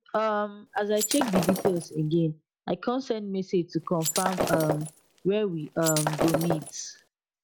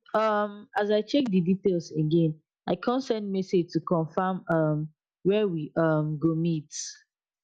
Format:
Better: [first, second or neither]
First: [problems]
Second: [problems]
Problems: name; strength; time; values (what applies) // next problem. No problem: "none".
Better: second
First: background sound (Shatter); 3 dB below the speech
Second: none